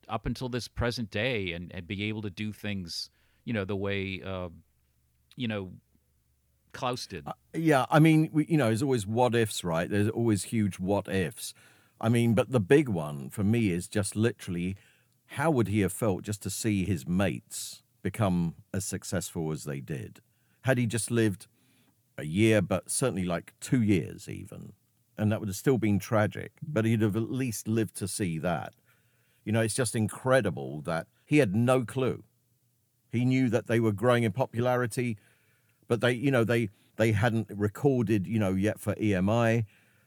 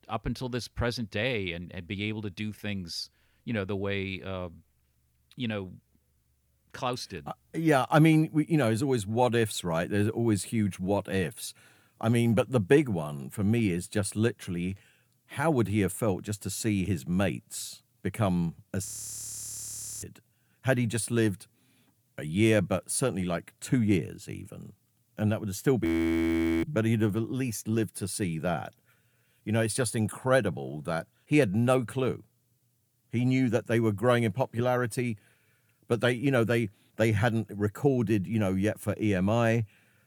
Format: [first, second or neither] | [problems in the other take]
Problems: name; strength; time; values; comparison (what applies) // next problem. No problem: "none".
first | audio freezing; at 19 s for 1 s and at 26 s for 1 s